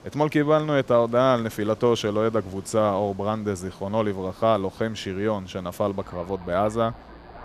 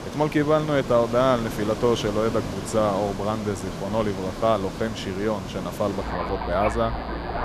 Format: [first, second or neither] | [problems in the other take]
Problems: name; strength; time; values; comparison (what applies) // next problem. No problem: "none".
first | rain or running water; loud; throughout; 8 dB below the speech; faint in the first